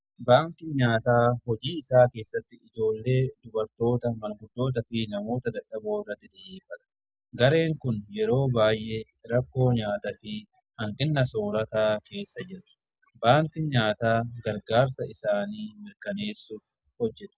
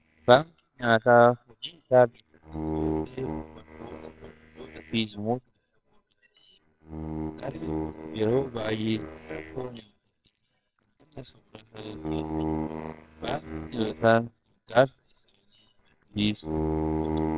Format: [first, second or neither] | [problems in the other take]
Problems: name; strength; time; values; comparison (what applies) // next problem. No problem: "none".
first | noise reduction (neural separator model SepFormer WHAMR!)